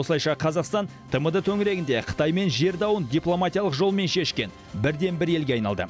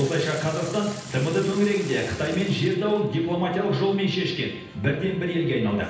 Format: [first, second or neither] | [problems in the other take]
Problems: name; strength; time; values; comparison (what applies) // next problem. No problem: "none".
first | background sound (Sink (filling or washing) / Water tap, faucet); 18 dB below the speech // room echo; dies away in 0.9 s